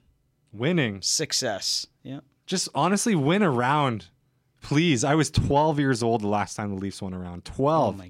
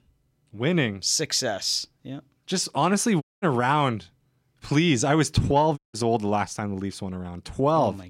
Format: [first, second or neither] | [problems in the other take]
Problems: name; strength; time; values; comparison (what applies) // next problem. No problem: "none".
first | audio cutting out; at 3 s and at 6 s